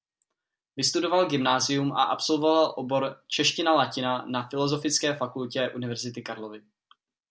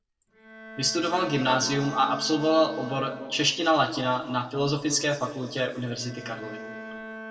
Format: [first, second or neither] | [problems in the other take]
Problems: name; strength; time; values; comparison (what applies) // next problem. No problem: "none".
first | background sound (Bowed string instrument); 15 dB below the speech // room echo; dies away in 1.5 s